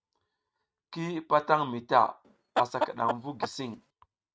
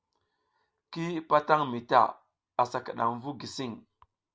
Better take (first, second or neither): second